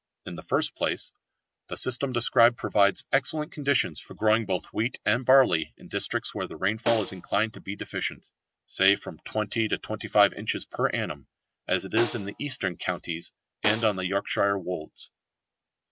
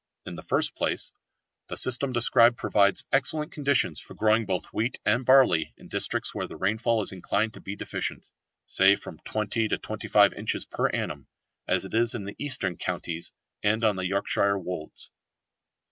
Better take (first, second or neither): second